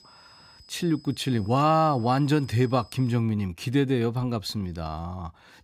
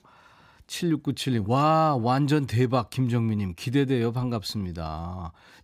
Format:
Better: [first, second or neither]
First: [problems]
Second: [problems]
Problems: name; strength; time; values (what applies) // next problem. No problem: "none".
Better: second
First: high-pitched whine; faint; until 3 s; 5 kHz, 25 dB below the speech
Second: none